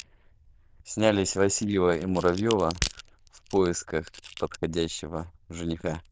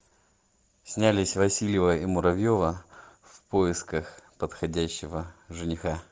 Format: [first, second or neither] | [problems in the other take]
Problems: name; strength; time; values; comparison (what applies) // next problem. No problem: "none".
second | noise reduction (neural diffusion model UNIVERSE++)